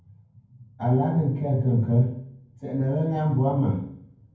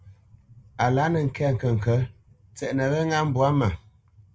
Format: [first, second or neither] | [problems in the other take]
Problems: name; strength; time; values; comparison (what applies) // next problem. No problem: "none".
second | room echo; dies away in 0.9 s